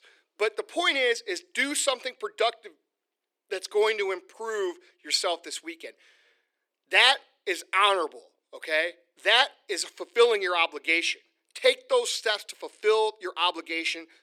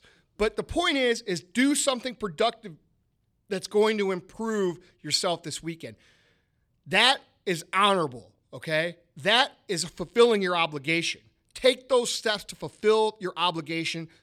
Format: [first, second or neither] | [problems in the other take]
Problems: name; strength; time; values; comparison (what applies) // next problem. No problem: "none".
second | thin; very; fading below 350 Hz